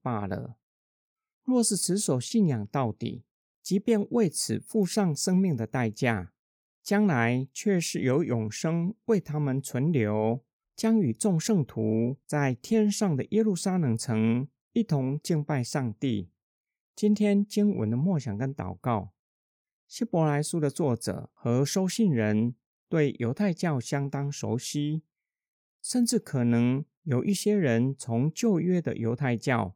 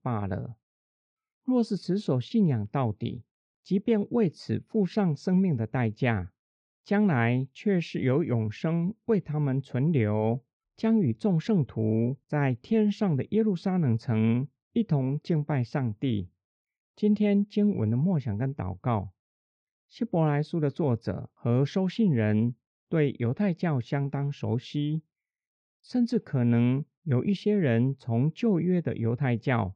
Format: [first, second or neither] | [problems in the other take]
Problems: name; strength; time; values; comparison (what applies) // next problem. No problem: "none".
first | muffled; slightly; fading above 3.5 kHz